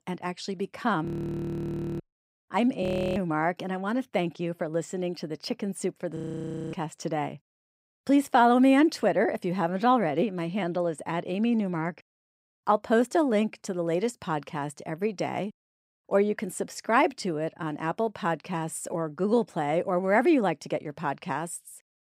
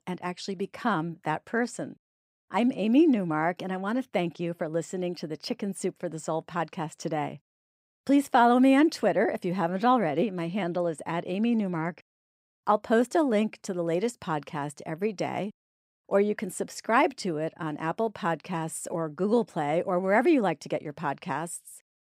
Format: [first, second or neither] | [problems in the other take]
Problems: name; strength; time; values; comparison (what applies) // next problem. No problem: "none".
second | audio freezing; at 1 s for 1 s, at 3 s and at 6 s for 0.5 s